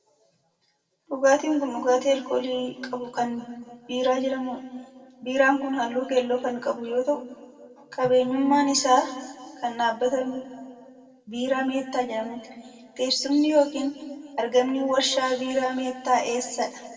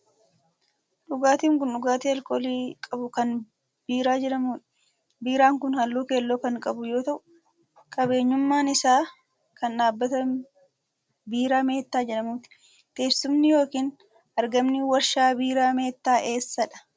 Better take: second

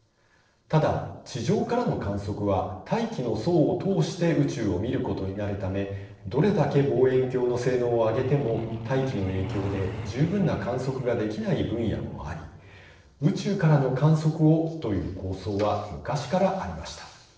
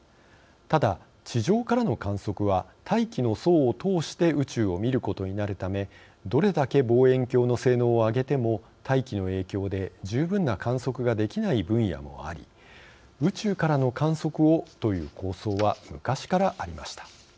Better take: second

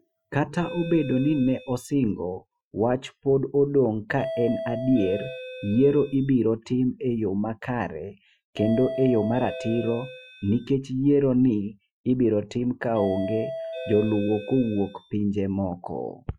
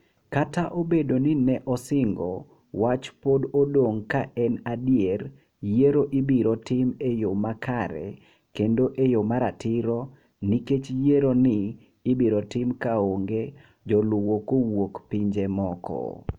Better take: second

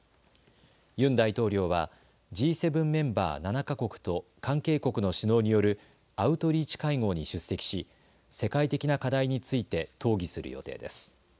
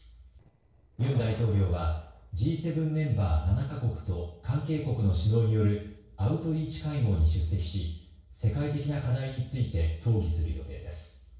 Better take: first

